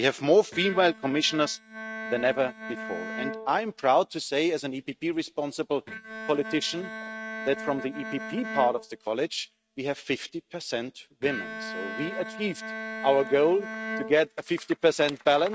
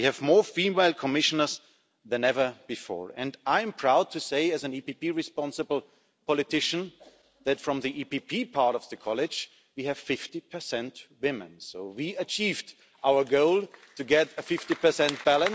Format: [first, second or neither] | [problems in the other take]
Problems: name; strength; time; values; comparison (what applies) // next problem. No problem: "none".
second | noise reduction (neural mask model RNNoise)